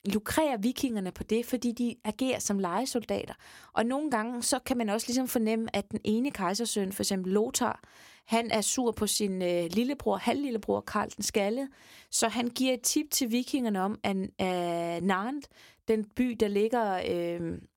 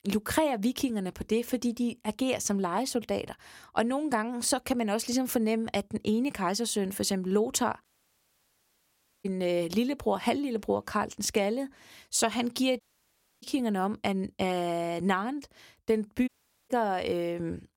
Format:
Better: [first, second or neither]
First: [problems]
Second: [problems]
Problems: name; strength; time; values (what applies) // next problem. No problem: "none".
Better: first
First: none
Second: audio cutting out; at 8 s for 1.5 s, at 13 s for 0.5 s and at 16 s